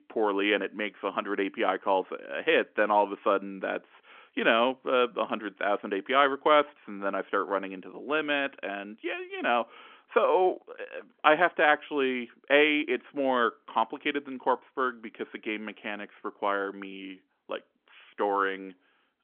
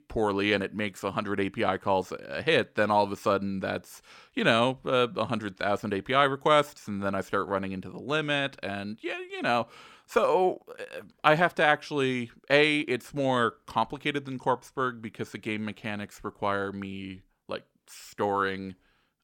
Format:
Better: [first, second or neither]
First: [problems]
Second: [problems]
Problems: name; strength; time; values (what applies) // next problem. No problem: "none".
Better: second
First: phone-call audio; nothing above 3.5 kHz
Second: none